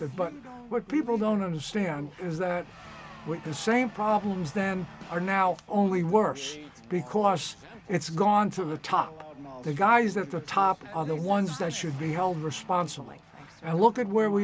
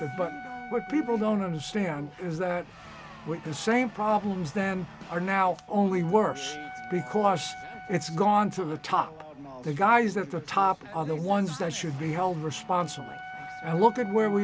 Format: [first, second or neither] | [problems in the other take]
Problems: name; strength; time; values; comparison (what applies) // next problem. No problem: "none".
first | background sound (Wind instrument, woodwind instrument); 18 dB below the speech